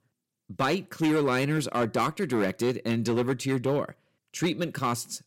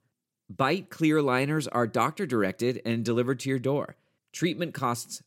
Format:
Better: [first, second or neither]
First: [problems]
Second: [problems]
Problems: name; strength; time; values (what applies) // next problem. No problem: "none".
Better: second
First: distortion; slight; 7% of the sound clipped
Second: none